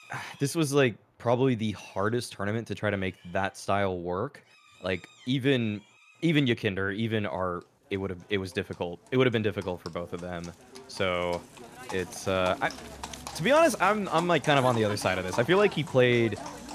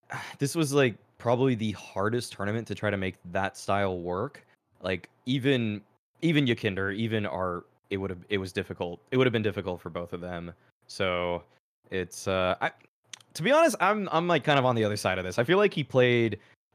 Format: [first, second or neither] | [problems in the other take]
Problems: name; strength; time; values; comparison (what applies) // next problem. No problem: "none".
second | animal sounds; noticeable; throughout; 15 dB below the speech